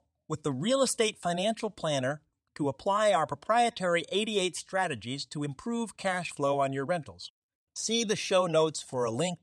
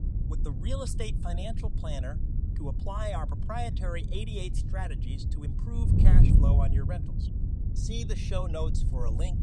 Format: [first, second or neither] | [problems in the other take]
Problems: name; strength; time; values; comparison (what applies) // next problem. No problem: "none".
first | wind noise on the microphone; heavy; 4 dB below the speech